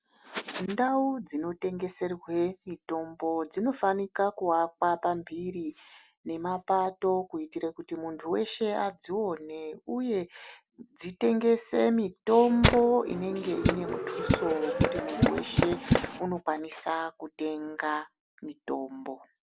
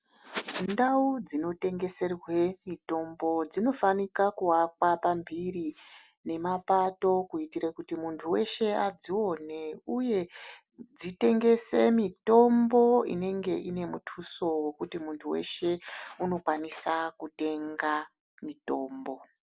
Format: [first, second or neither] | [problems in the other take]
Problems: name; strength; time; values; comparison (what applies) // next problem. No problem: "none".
second | background sound (Tools); 2 dB above the speech